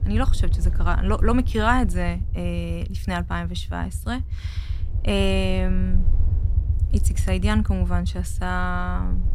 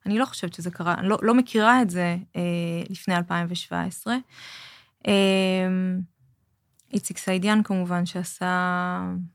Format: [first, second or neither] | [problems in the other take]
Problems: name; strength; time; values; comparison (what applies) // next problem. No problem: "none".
second | low rumble; noticeable; throughout; 15 dB below the speech